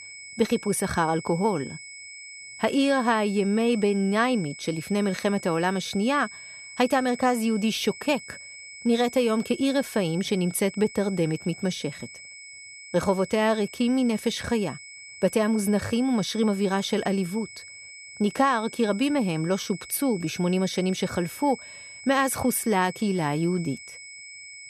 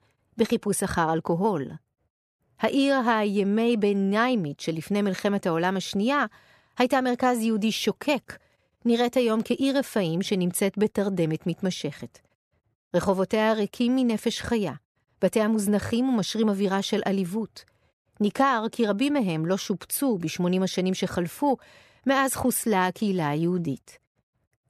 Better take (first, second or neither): second